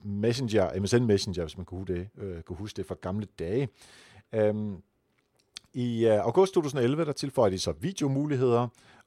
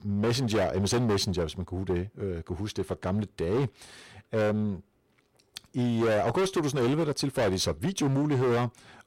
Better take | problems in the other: first | distortion; heavy; 16% of the sound clipped

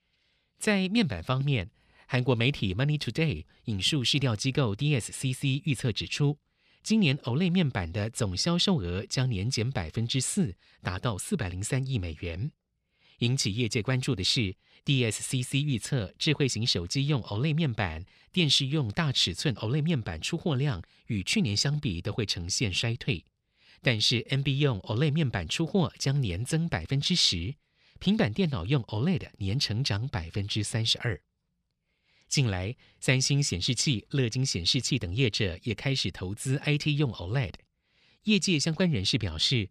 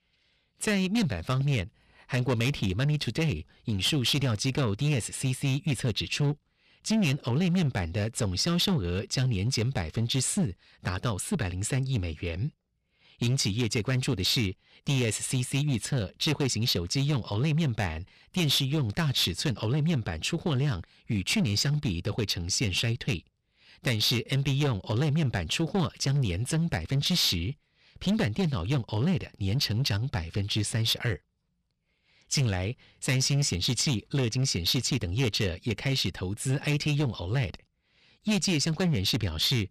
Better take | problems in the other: first | distortion; slight; 10% of the sound clipped

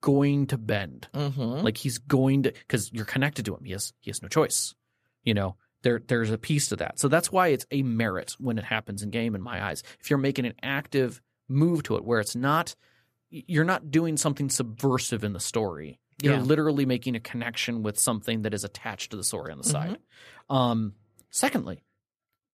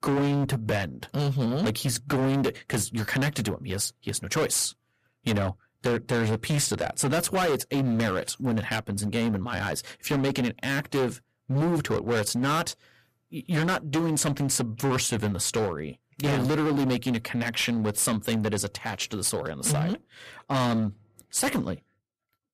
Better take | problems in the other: first | distortion; heavy; 18% of the sound clipped

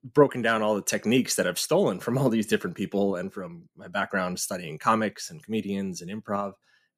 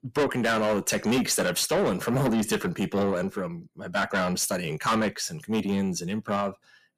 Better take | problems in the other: first | distortion; heavy; 6 dB below the speech

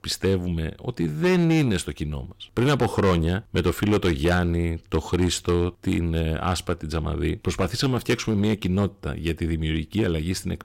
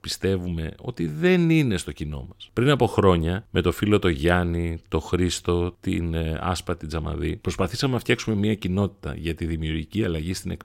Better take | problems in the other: second | distortion; slight; 6% of the sound clipped

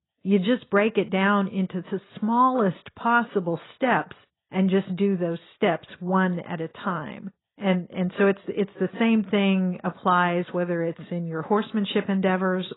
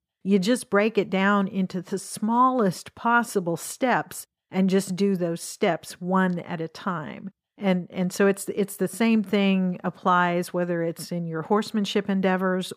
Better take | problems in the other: second | garbled, watery; badly; nothing above 4 kHz

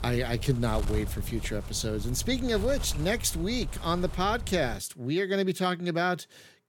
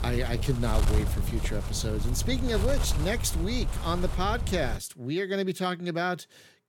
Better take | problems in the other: first | wind noise on the microphone; heavy; until 5 s; 9 dB below the speech; occasional gusts in the first

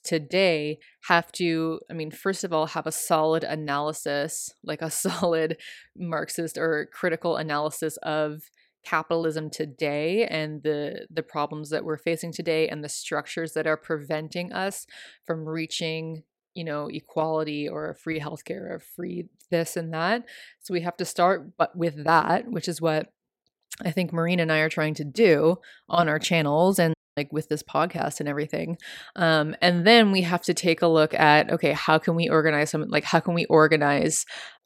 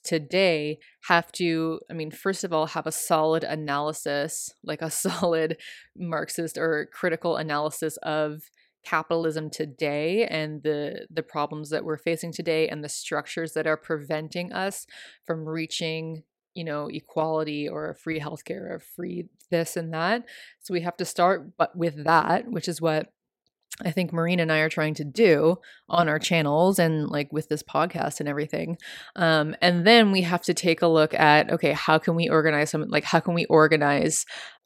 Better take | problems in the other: second | audio cutting out; at 27 s

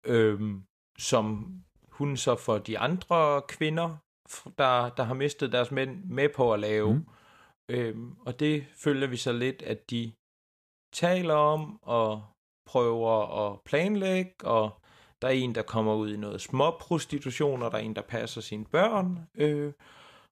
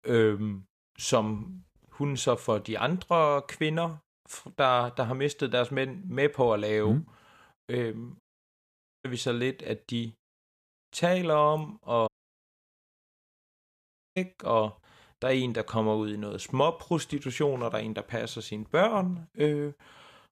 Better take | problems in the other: first | audio cutting out; at 8 s for 1 s and at 12 s for 2 s

